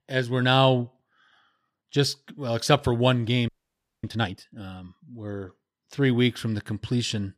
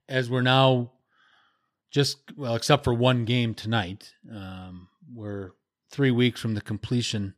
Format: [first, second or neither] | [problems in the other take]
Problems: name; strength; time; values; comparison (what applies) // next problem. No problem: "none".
second | audio freezing; at 3.5 s for 0.5 s